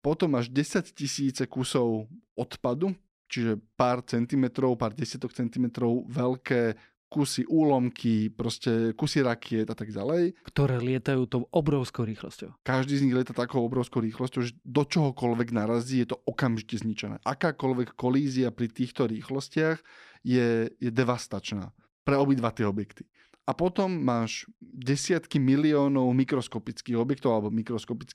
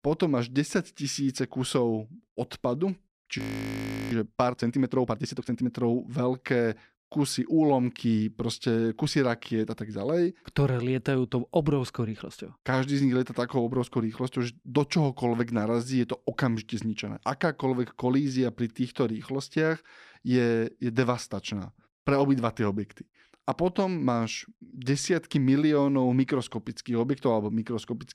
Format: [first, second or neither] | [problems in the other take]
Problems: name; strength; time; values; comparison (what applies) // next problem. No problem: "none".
first | audio freezing; at 3.5 s for 0.5 s